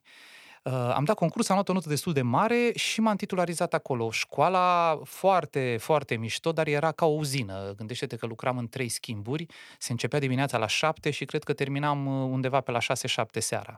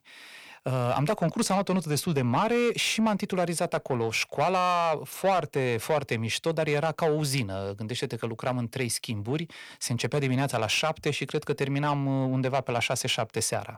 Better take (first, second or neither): first